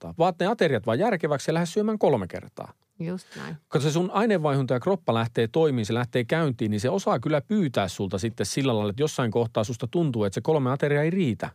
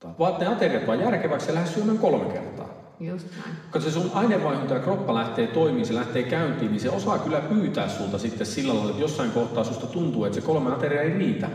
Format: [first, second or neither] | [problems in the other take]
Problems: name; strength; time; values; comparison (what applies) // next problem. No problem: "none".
first | room echo; noticeable; dies away in 1.5 s // off-mic speech; far